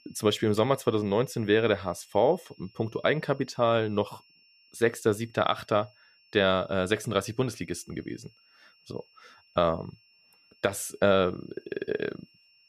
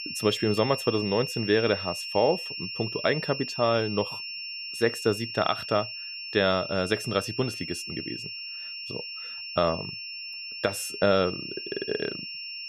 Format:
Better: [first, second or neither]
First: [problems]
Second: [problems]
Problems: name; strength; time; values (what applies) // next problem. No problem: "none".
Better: first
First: high-pitched whine; faint; throughout; 5.5 kHz, 30 dB below the speech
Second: high-pitched whine; loud; throughout; 5.5 kHz, 6 dB below the speech